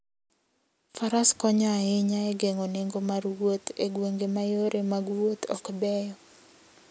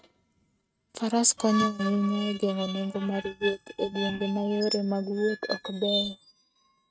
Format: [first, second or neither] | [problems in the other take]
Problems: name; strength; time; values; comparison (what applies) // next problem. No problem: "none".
first | noise reduction (neural mask model RNNoise)